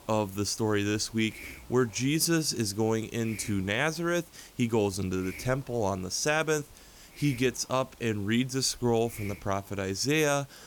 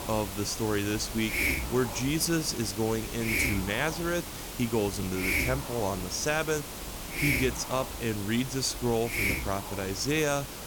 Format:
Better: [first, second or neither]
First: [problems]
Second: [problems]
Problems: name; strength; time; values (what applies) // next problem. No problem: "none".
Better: first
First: hiss; faint; throughout; 20 dB below the speech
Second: hiss; loud; throughout; 3 dB below the speech